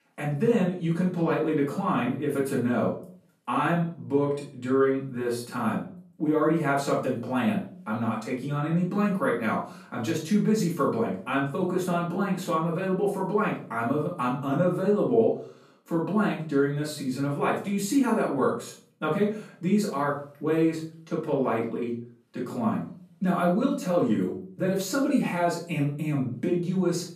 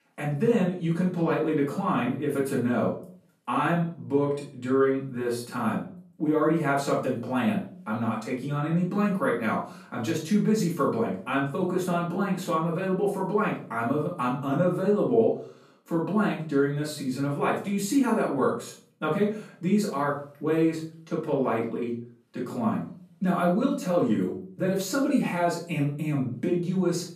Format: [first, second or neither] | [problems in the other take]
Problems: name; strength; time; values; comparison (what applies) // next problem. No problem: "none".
neither | room echo; noticeable; dies away in 0.4 s; the same in both // off-mic speech; far; the same in both